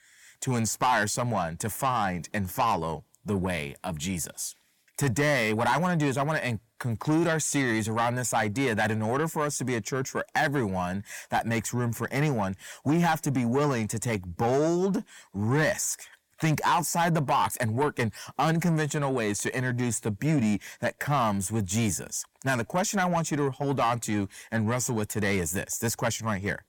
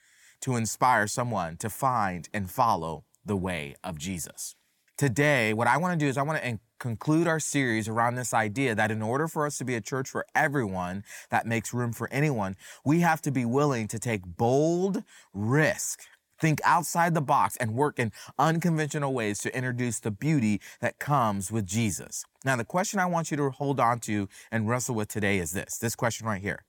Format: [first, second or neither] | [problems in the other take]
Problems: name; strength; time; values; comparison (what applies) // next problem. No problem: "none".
second | distortion; slight; 10 dB below the speech